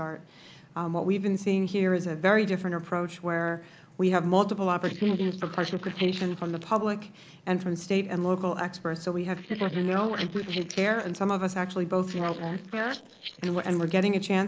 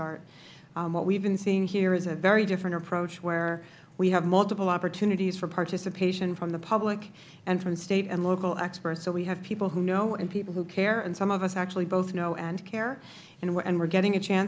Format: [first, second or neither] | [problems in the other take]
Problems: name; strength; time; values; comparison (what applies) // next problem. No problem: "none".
second | noise reduction (neural mask model Resemble Enhance denoiser)